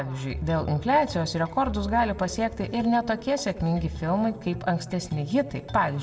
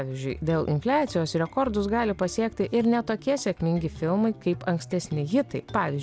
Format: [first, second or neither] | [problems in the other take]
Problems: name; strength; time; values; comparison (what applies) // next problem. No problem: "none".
second | room echo; dies away in 0.5 s